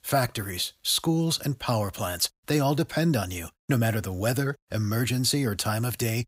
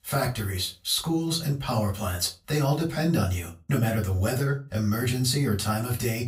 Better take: first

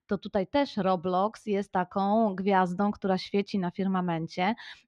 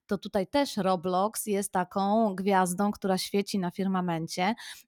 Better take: second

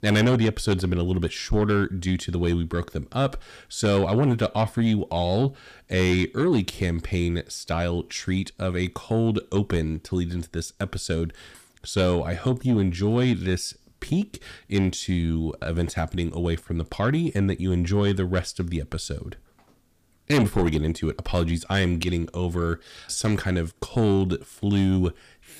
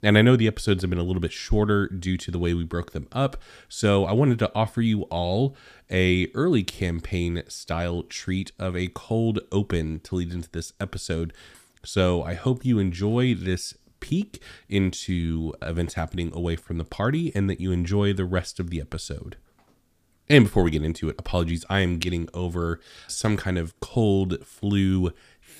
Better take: second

